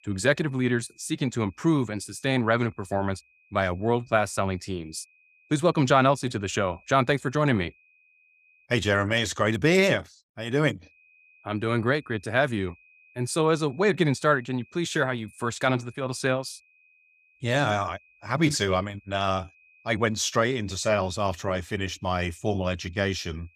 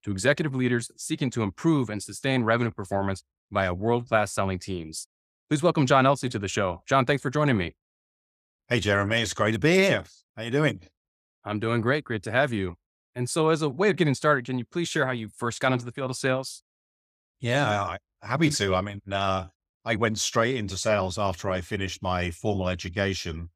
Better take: second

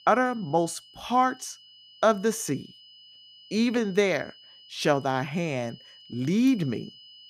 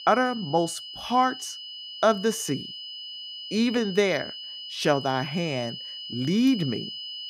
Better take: first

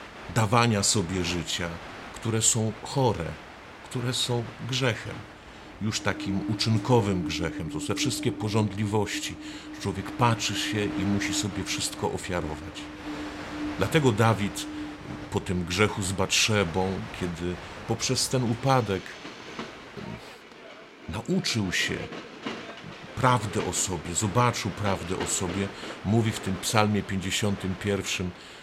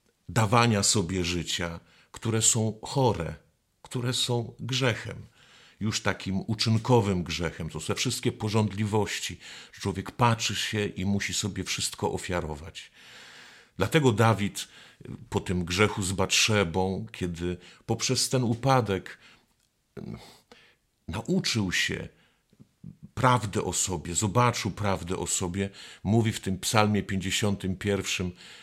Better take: second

